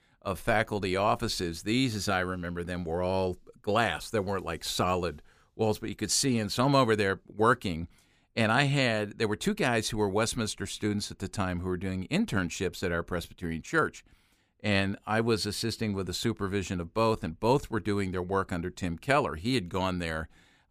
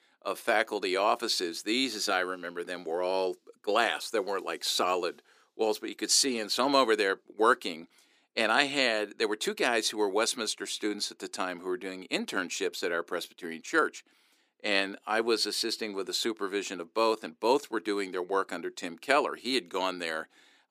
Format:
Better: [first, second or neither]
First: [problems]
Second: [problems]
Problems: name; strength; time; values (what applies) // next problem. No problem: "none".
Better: first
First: none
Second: thin; somewhat; fading below 300 Hz